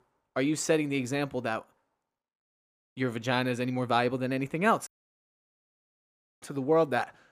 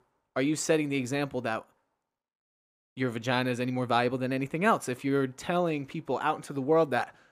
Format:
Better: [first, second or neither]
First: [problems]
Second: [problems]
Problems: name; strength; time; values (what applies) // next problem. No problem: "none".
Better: second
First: audio cutting out; at 5 s for 1.5 s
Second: none